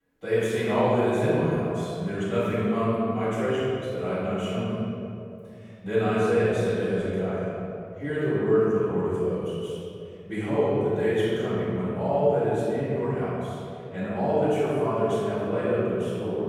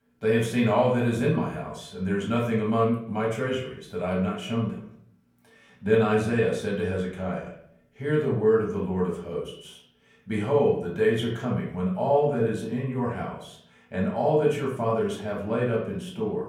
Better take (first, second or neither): second